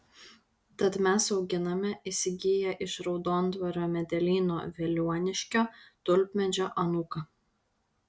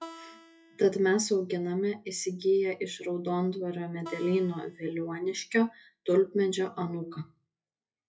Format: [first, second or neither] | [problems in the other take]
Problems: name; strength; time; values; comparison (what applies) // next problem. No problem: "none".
first | noise reduction (classical method WPE with log-MMSE)